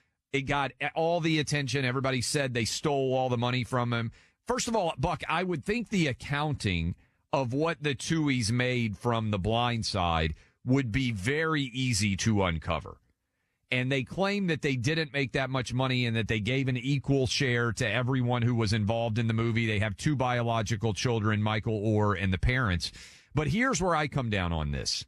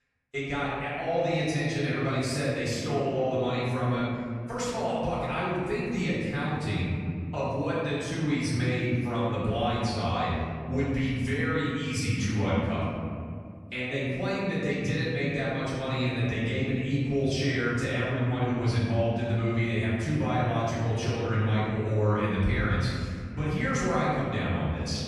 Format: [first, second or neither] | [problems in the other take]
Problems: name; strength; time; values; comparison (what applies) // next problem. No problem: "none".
first | room echo; strong; dies away in 2.5 s // off-mic speech; far